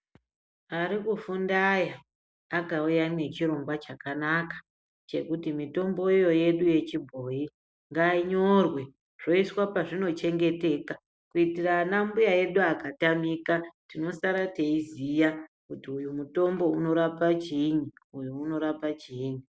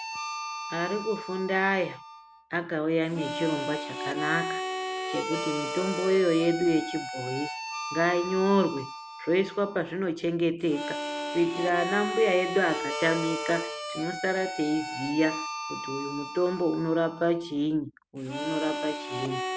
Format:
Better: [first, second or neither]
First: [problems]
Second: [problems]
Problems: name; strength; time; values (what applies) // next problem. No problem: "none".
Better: first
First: none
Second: background sound (Harmonica); 7 dB below the speech